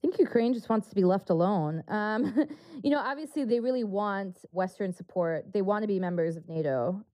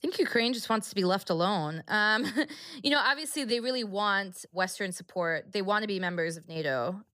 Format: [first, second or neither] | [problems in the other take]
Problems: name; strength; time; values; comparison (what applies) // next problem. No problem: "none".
second | muffled; very; fading above 1.5 kHz